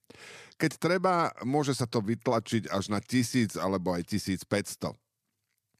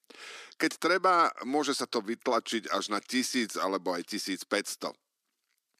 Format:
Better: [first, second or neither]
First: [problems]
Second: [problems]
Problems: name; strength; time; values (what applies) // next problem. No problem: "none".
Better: first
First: none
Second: thin; somewhat; fading below 300 Hz